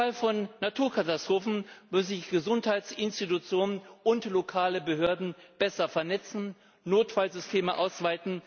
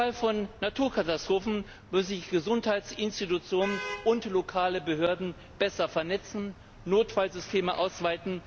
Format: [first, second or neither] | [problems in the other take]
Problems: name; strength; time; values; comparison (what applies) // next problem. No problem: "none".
first | background sound (Traffic noise, roadway noise / Vehicle horn, car horn, honking); 17 dB below the speech